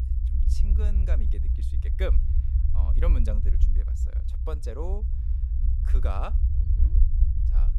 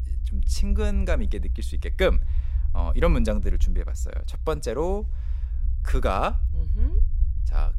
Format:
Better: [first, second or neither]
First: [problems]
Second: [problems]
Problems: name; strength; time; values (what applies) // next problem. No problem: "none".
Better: second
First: low rumble; loud; throughout; 6 dB below the speech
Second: low rumble; faint; throughout; 20 dB below the speech